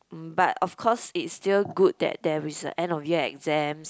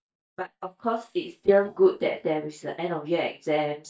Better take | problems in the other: first | noise reduction (neural mask model DeepFilterNet 3)

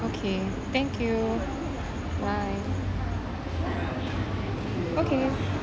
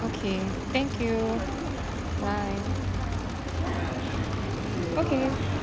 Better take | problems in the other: first | background sound (Engine / Mechanisms); 13 dB below the speech

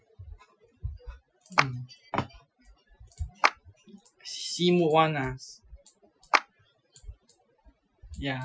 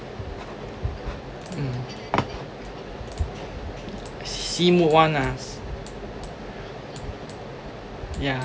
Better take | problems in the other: second | noise reduction (classical method Wiener filter)

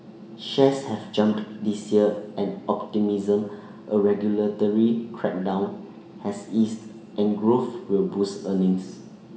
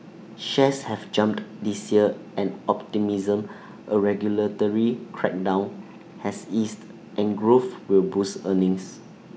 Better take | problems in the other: second | room echo; dies away in 0.8 s

